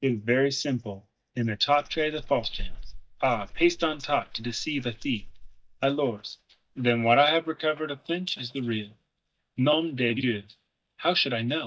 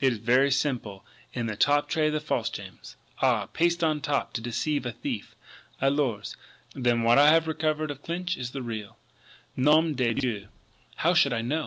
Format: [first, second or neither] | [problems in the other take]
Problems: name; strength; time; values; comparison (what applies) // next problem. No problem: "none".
second | noise reduction (neural mask model DeepFilterNet 3)